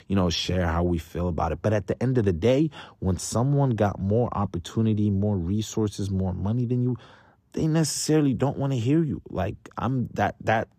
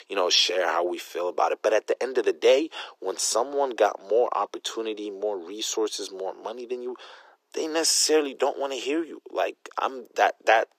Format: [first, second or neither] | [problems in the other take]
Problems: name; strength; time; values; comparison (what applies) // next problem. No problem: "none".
first | thin; very; fading below 400 Hz